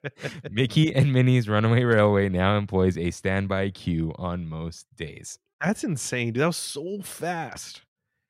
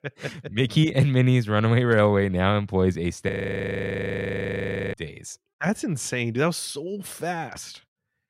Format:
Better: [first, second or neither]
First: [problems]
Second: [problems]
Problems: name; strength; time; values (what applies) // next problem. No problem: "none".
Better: first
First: none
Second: audio freezing; at 3.5 s for 1.5 s